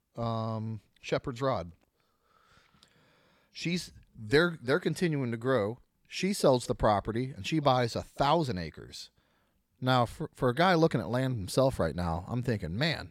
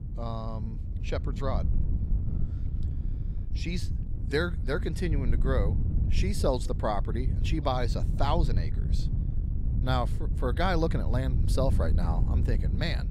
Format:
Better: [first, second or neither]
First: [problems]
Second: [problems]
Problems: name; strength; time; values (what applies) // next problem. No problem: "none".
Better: first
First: none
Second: wind noise on the microphone; occasional gusts; 10 dB below the speech